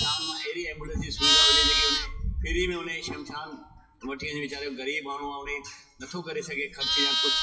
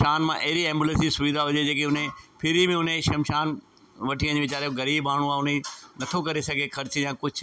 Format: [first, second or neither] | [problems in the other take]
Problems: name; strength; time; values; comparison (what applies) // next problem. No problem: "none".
second | noise reduction (classical method WPE with log-MMSE)